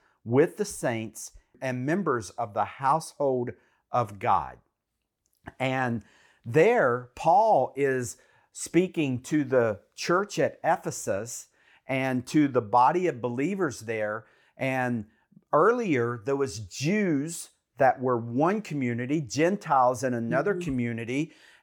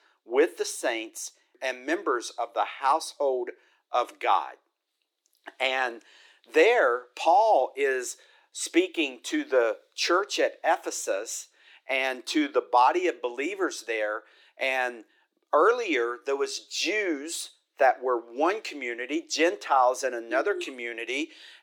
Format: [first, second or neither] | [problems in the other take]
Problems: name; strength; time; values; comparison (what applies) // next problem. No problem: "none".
first | thin; somewhat; fading below 300 Hz